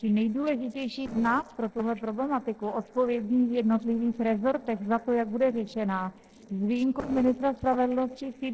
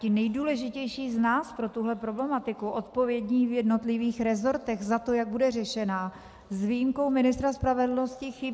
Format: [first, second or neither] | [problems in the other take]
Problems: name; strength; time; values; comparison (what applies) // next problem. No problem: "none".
second | noise reduction (neural separator model SepFormer DNS4)